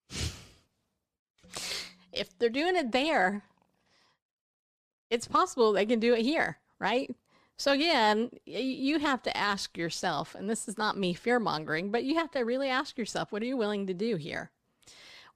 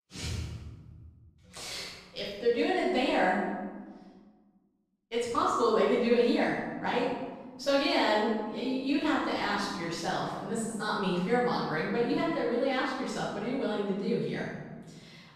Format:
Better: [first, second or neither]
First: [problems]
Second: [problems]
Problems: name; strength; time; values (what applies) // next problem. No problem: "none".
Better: first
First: none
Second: off-mic speech; far // room echo; strong; dies away in 1.4 s